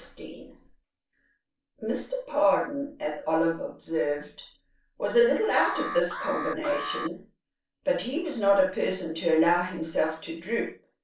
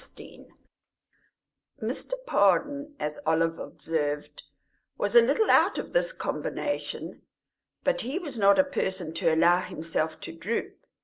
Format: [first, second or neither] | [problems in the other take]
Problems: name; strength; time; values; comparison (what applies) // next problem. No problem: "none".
second | background sound (Alarm); 7 dB below the speech // room echo; dies away in 0.3 s